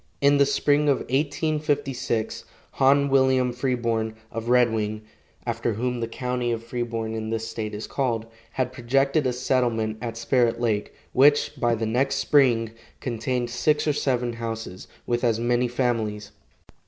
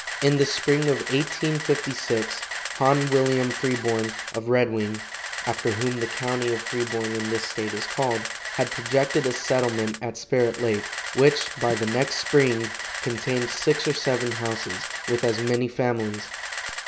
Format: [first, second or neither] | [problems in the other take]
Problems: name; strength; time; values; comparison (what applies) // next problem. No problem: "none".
first | background sound (Camera); 8 dB below the speech